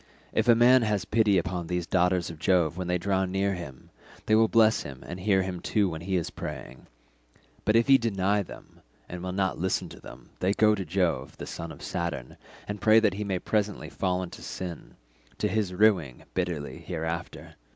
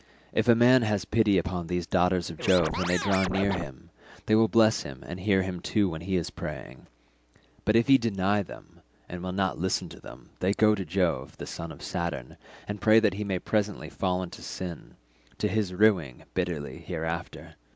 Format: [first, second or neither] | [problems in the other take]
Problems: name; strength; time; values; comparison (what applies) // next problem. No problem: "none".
first | background sound (Scratching (performance technique)); 5 dB below the speech